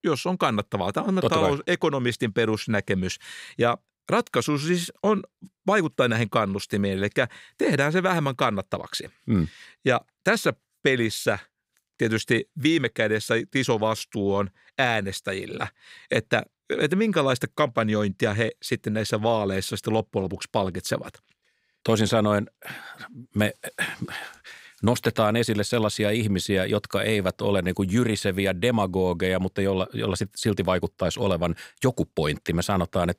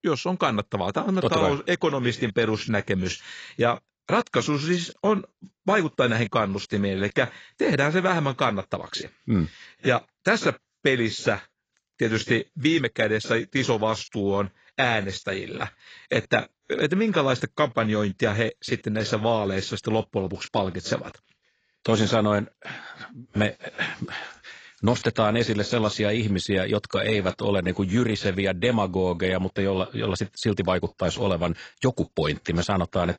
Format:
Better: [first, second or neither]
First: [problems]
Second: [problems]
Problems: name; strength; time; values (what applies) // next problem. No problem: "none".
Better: first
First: none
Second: garbled, watery; badly; nothing above 7.5 kHz